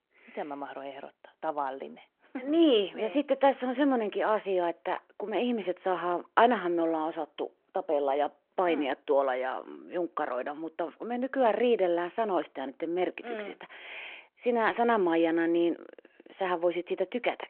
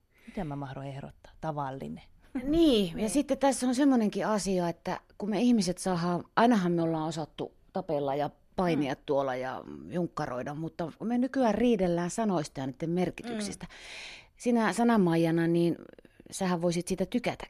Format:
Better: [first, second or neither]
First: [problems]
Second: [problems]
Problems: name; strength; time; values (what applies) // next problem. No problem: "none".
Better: second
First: phone-call audio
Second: none